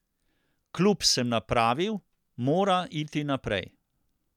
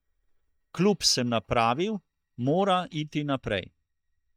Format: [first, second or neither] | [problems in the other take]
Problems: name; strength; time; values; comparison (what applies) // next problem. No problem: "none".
first | noise reduction (neural mask model DeepFilterNet 3)